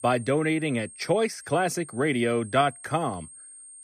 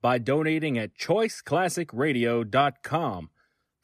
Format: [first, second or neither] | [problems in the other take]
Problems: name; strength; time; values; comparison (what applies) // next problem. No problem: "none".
second | high-pitched whine; noticeable; throughout; 8.5 kHz, 20 dB below the speech